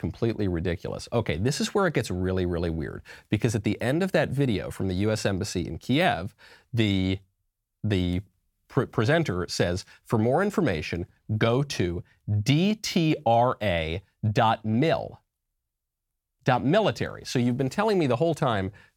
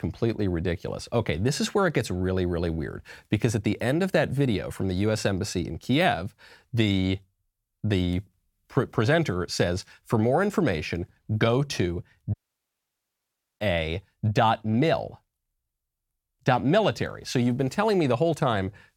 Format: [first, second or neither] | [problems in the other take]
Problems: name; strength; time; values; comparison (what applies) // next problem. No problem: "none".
first | audio cutting out; at 12 s for 1.5 s